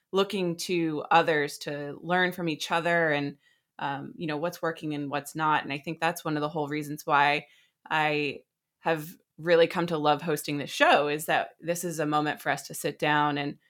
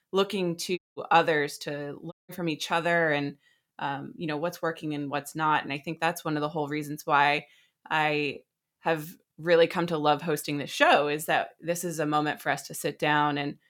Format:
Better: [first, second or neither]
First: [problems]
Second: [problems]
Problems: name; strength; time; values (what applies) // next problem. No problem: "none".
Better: first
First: none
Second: audio cutting out; at 1 s and at 2 s